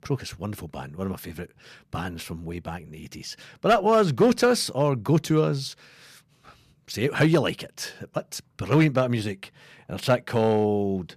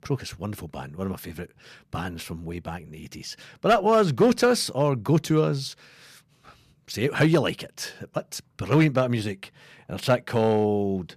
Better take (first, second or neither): neither